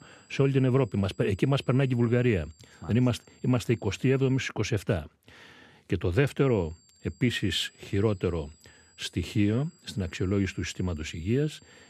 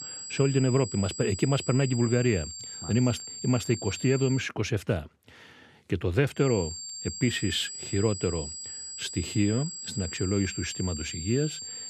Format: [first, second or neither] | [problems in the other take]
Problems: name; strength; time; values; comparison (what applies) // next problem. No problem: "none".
first | high-pitched whine; loud; until 4.5 s and from 6.5 s on; 7.5 kHz, 8 dB below the speech; faint in the first